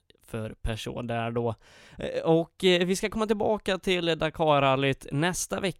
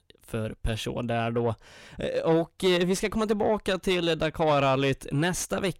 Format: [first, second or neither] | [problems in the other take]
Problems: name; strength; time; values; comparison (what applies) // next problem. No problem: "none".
first | distortion; slight; 10 dB below the speech